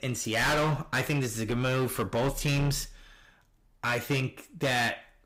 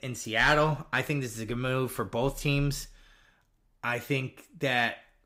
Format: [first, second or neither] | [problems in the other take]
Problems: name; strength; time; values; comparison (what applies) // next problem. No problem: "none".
second | distortion; heavy; 14% of the sound clipped